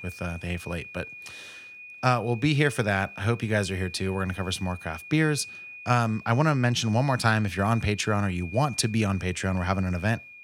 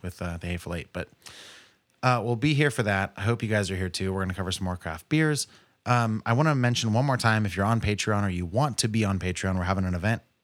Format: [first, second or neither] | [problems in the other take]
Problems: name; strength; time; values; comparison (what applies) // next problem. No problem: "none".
second | high-pitched whine; noticeable; throughout; 2.5 kHz, 15 dB below the speech